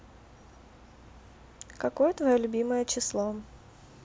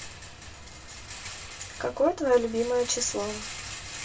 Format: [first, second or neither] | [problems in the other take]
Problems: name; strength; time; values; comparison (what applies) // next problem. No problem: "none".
first | background sound (Rattle); 12 dB below the speech // room echo; dies away in 0.2 s